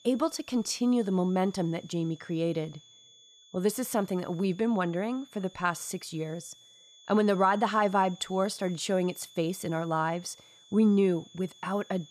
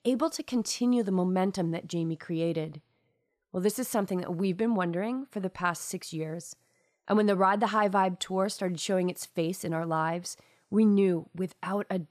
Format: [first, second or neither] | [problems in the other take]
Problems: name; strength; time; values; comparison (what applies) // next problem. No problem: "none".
second | high-pitched whine; faint; throughout; 3.5 kHz, 25 dB below the speech